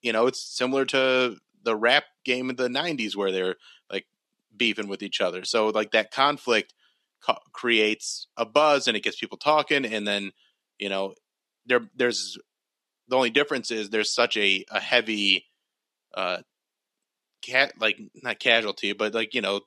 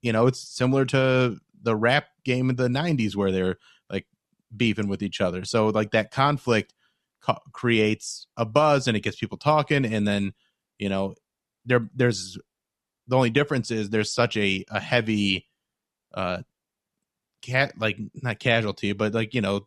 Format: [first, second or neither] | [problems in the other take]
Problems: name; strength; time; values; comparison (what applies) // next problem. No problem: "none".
second | thin; somewhat; fading below 300 Hz